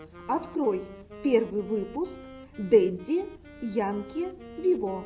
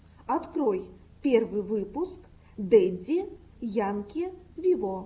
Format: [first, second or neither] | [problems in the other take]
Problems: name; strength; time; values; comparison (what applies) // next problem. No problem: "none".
second | background sound (Wind instrument, woodwind instrument); 18 dB below the speech